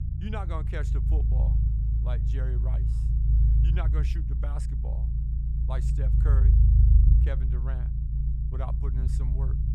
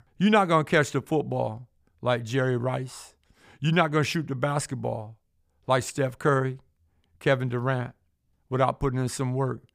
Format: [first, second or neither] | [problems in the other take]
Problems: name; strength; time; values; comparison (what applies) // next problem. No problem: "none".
second | low rumble; loud; throughout; as loud as the speech